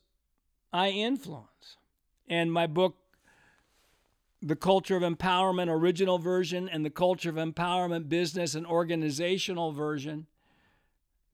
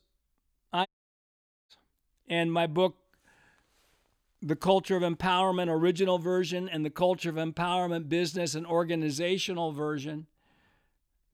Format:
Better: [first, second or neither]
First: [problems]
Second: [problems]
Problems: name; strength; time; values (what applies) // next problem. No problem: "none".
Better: first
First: none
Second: audio cutting out; at 1 s for 1 s